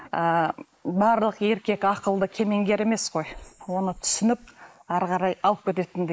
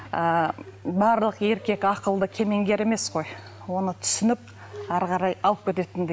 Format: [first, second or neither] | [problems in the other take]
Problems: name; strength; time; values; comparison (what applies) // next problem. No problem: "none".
second | noise reduction (neural mask model Resemble Enhance denoiser)